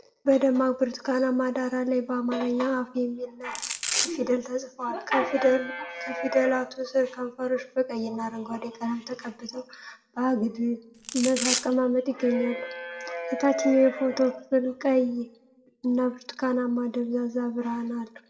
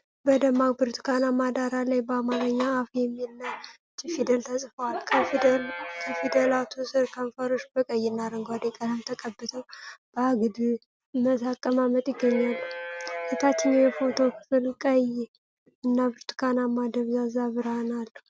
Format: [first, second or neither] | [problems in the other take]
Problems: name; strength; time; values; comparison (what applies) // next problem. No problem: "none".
second | background sound (Domestic sounds, home sounds); 4 dB below the speech // room echo; dies away in 0.5 s